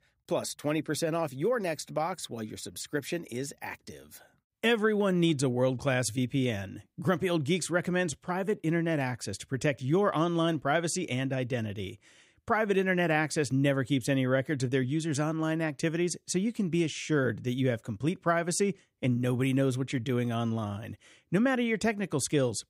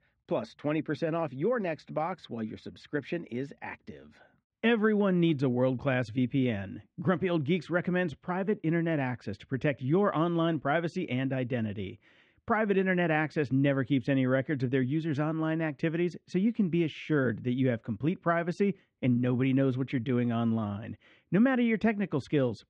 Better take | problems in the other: first | muffled; very; fading above 3 kHz

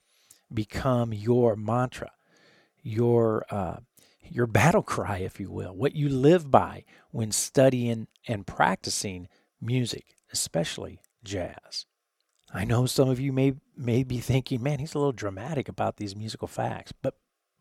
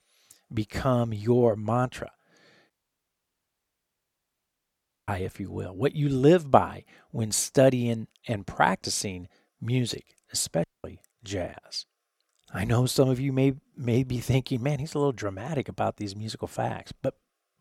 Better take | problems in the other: first | audio cutting out; at 2.5 s for 2.5 s and at 11 s

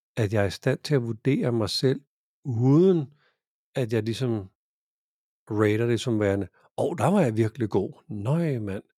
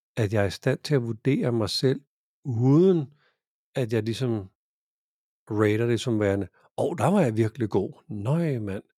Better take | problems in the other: neither | none

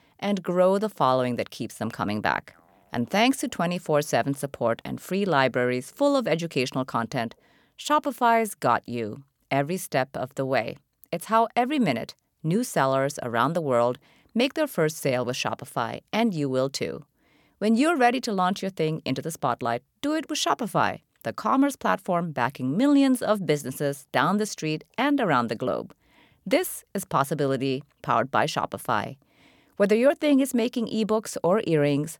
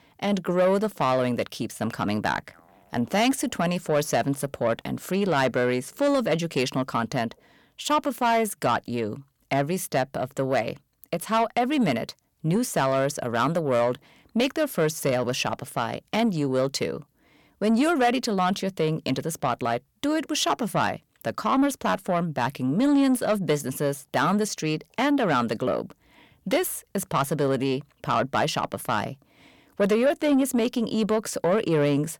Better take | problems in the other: first | distortion; slight; 10 dB below the speech

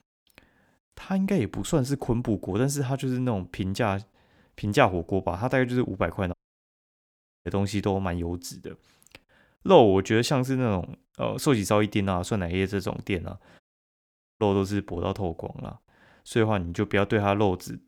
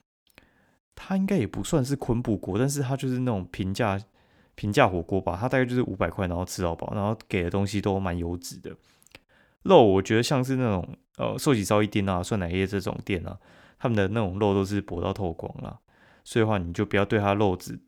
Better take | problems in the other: second | audio cutting out; at 6.5 s for 1 s and at 14 s for 1 s

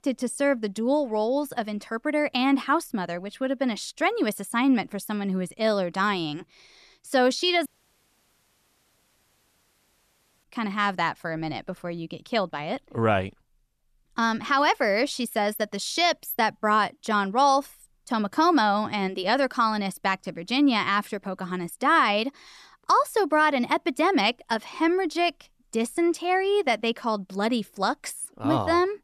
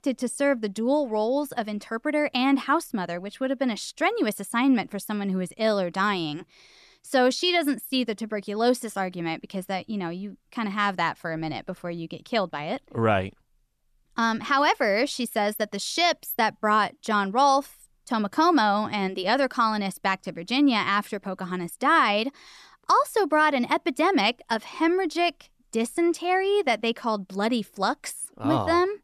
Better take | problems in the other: second | audio cutting out; at 7.5 s for 3 s

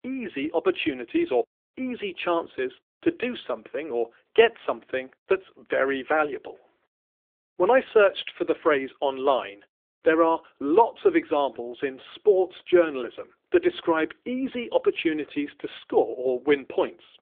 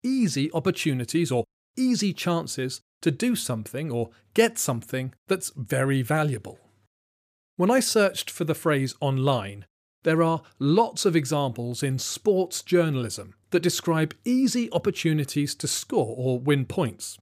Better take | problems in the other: second | phone-call audio; nothing above 3.5 kHz

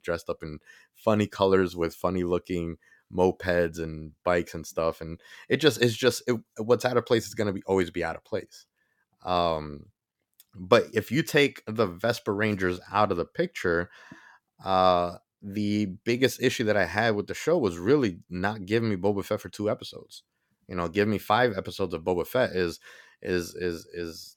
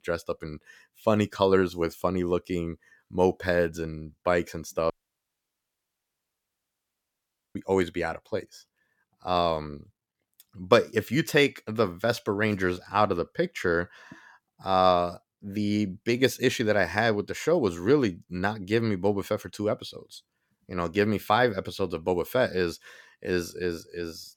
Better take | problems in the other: first | audio cutting out; at 5 s for 2.5 s

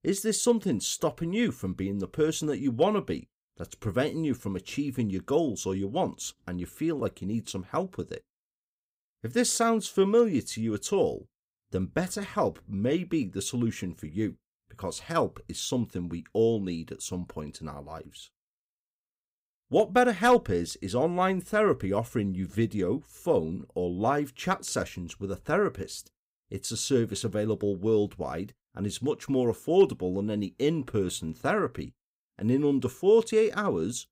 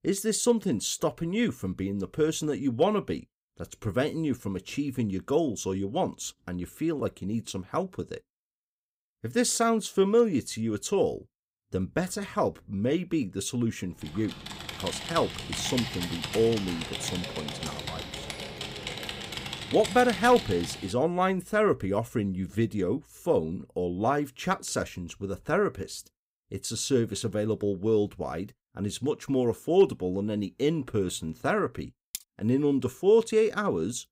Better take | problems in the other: first | keyboard typing; noticeable; from 14 to 21 s; peak 4 dB below the speech // clattering dishes; very faint; at 32 s; peak 10 dB below the speech

